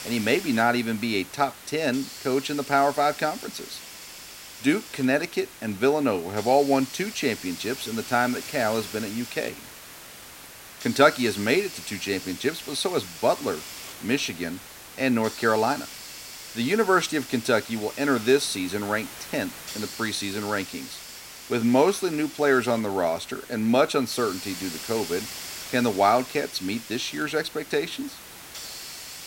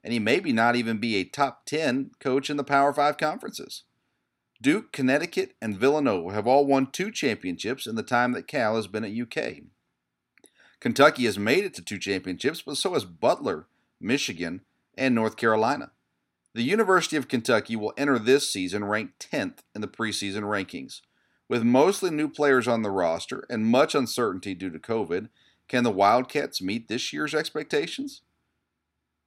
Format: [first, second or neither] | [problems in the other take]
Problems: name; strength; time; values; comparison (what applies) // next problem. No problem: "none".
second | hiss; noticeable; throughout; 15 dB below the speech